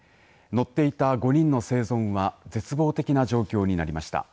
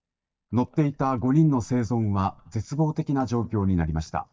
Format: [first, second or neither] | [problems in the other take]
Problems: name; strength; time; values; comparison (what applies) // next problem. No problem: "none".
first | noise reduction (neural mask model DeepFilterNet 3)